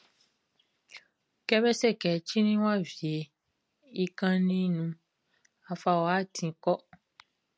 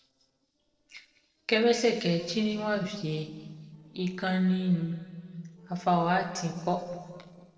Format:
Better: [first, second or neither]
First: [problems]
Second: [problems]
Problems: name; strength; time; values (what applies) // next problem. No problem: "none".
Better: first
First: none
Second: noise reduction (neural separator model SepFormer DNS4)